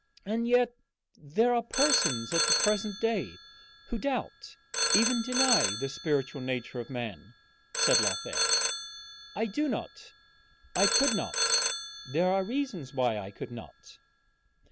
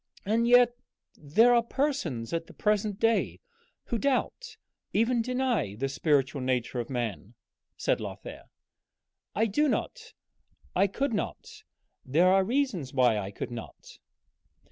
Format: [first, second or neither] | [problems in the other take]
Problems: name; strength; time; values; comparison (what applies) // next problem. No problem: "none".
second | background sound (Telephone); 2 dB above the speech